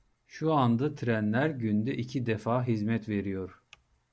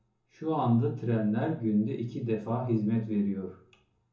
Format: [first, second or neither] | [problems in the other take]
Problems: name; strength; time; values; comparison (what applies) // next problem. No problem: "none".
first | room echo; dies away in 0.6 s